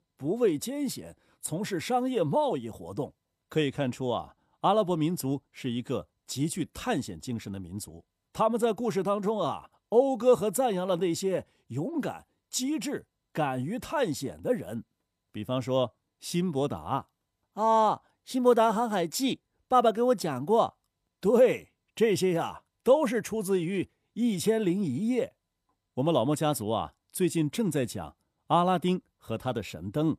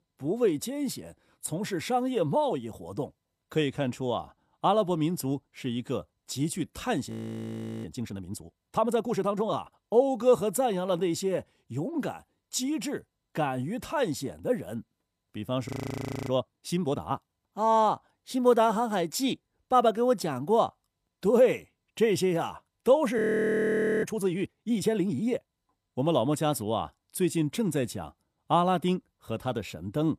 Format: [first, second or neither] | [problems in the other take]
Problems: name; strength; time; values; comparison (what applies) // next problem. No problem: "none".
first | audio freezing; at 7 s for 0.5 s, at 16 s for 0.5 s and at 23 s for 1 s